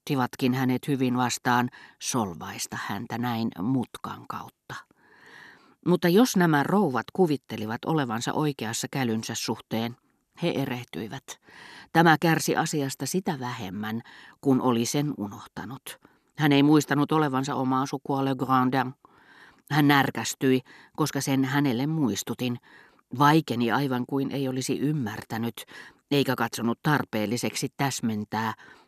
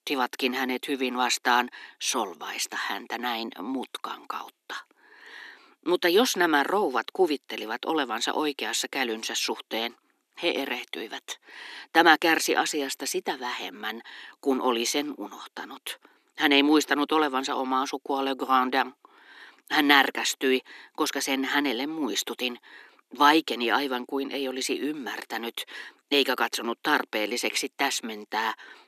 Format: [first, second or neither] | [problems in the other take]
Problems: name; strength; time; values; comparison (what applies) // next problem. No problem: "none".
first | thin; somewhat; fading below 300 Hz